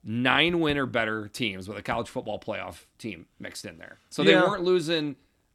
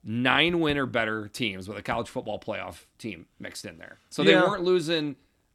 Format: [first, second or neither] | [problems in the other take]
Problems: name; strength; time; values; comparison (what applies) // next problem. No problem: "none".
neither | none